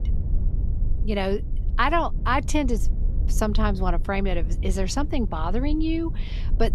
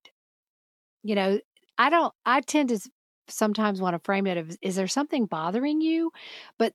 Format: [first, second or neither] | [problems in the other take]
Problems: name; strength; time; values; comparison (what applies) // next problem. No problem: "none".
second | low rumble; noticeable; throughout; 20 dB below the speech